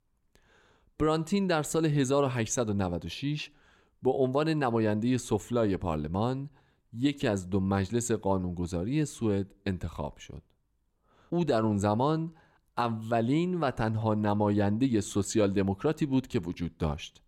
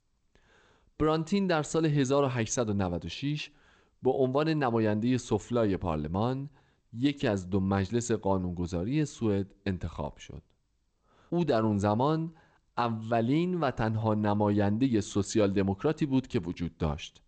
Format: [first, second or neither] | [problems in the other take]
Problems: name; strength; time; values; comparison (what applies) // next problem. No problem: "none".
first | garbled, watery; slightly; nothing above 8 kHz